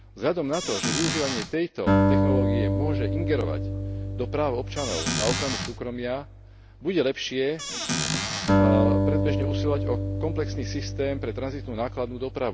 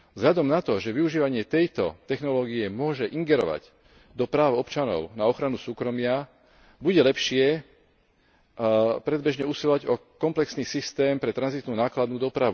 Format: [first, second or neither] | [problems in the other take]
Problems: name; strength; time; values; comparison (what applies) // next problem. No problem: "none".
second | background sound (Squeak / Cupboard open or close + Acoustic guitar); 3 dB above the speech